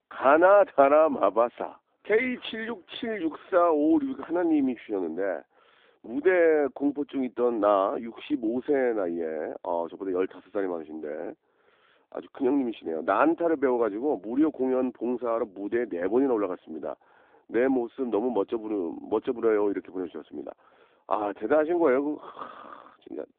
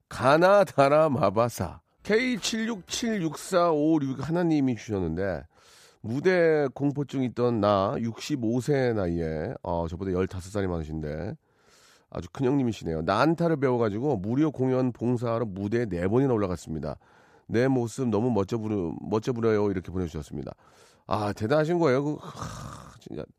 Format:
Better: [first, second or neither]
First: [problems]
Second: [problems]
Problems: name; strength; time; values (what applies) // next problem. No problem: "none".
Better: second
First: phone-call audio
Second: none